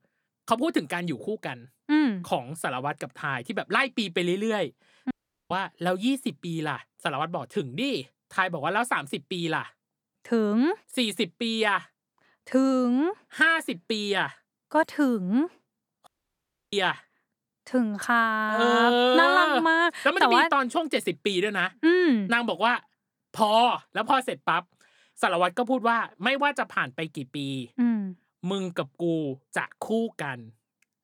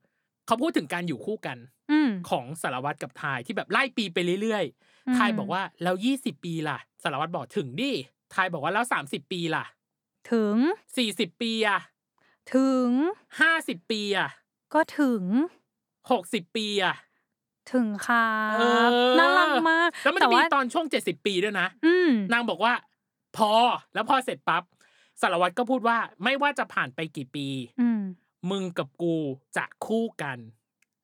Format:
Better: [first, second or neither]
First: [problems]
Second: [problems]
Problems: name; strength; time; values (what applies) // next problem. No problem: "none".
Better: second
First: audio cutting out; at 5 s and at 16 s for 0.5 s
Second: none